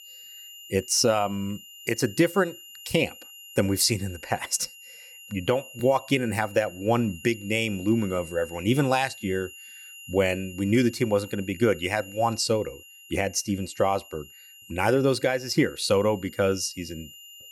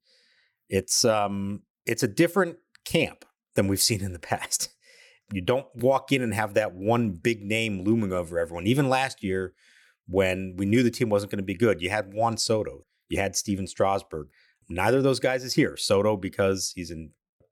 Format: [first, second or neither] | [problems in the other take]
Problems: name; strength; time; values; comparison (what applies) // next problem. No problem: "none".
second | high-pitched whine; noticeable; throughout; 3 kHz, 20 dB below the speech